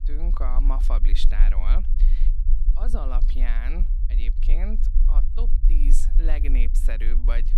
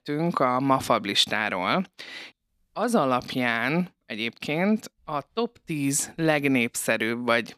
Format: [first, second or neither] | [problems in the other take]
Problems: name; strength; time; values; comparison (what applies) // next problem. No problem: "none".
second | low rumble; noticeable; throughout; 10 dB below the speech